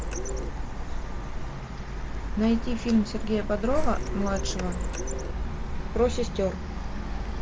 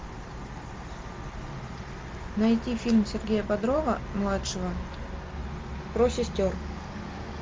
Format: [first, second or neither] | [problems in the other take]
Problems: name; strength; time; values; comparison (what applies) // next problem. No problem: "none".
second | background sound (Printer); 1 dB below the speech